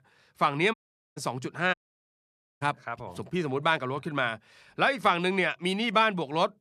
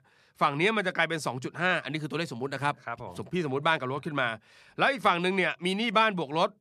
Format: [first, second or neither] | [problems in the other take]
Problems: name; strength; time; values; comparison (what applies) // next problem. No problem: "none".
second | audio cutting out; at 0.5 s and at 1.5 s for 1 s